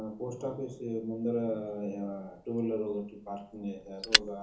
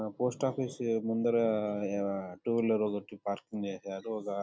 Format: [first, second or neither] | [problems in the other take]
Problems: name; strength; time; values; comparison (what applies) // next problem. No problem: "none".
second | background sound (Fire); 2 dB below the speech // room echo; dies away in 0.8 s